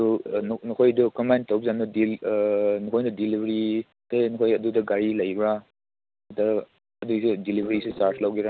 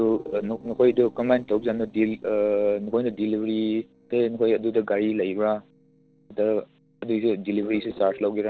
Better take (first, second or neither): first